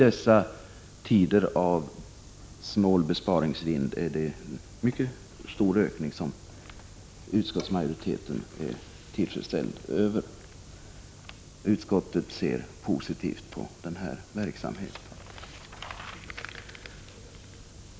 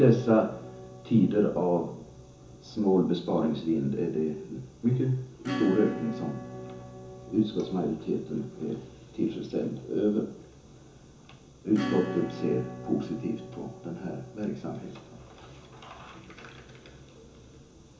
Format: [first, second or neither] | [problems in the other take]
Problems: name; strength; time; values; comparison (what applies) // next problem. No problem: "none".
first | background sound (Acoustic guitar / Strum); 12 dB below the speech // room echo; dies away in 0.7 s